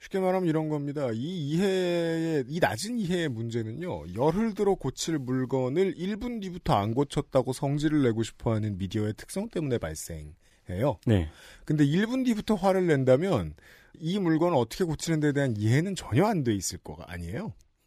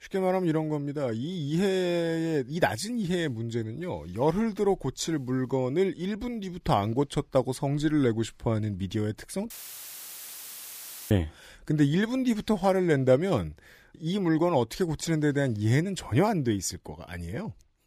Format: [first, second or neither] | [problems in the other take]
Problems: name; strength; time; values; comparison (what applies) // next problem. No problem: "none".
first | audio cutting out; filled with static; at 9.5 s for 1.5 s